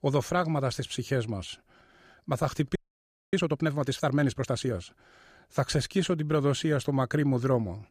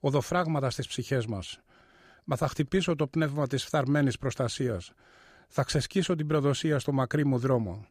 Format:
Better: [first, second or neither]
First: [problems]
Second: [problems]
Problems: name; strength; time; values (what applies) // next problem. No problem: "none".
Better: second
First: audio freezing; at 3 s for 0.5 s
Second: none